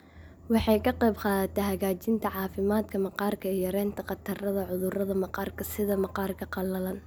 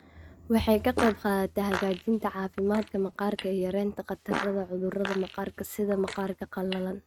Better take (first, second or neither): first